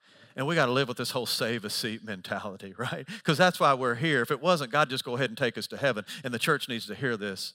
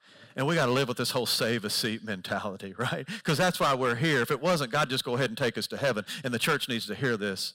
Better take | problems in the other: first | distortion; heavy; 7% of the sound clipped

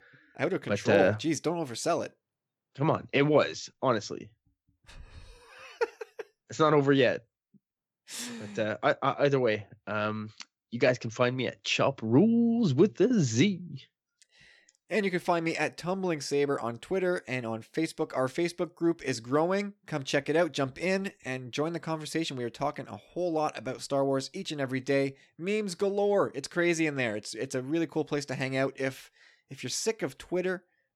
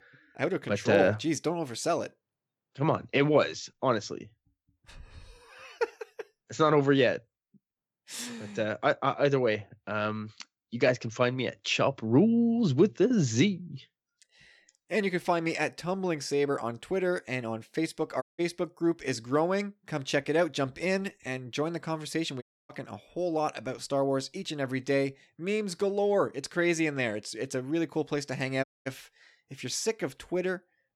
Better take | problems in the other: first | audio cutting out; at 18 s, at 22 s and at 29 s

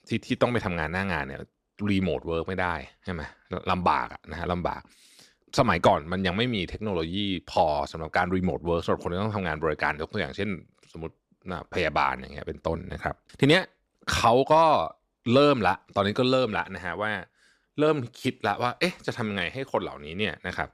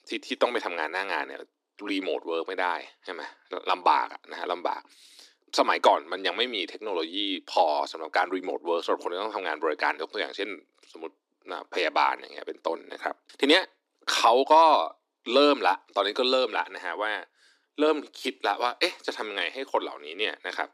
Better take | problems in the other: first | thin; somewhat; fading below 300 Hz

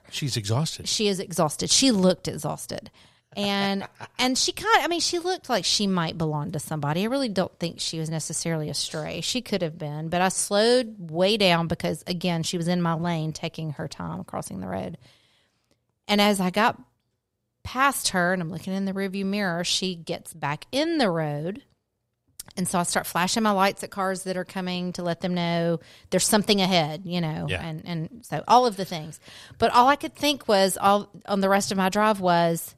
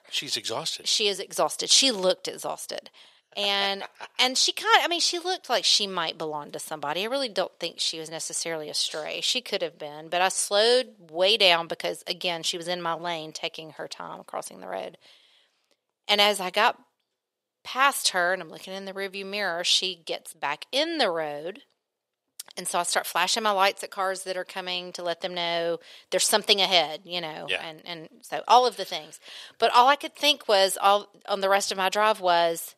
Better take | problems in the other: first | thin; somewhat; fading below 500 Hz

